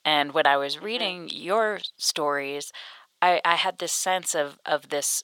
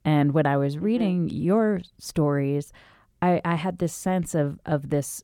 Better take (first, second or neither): second